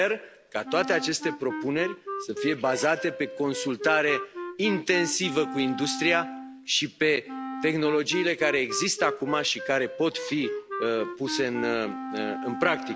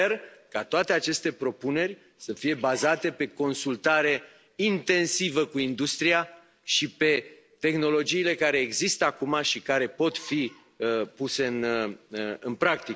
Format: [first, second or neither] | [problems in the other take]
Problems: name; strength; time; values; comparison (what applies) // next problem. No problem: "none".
second | background sound (Wind instrument, woodwind instrument); 8 dB below the speech